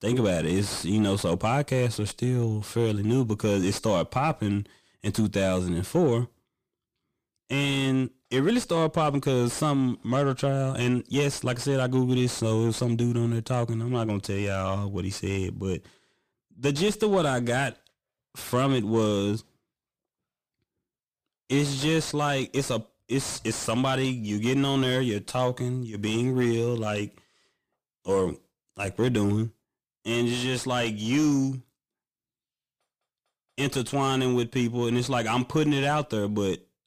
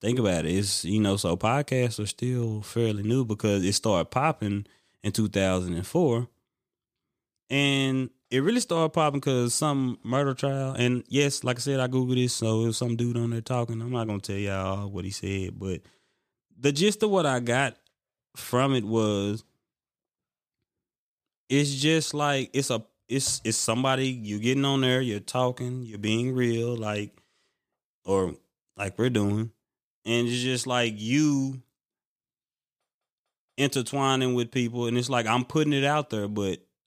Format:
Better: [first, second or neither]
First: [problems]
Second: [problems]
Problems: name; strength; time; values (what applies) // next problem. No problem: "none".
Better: second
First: distortion; slight; 9 dB below the speech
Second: none